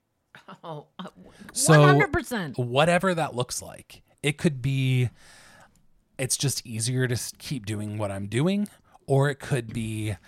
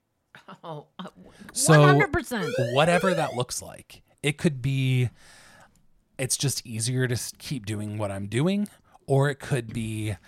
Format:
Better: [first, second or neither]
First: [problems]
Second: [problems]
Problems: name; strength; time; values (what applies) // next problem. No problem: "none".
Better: first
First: none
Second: siren; noticeable; from 2.5 to 3.5 s; peak 5 dB below the speech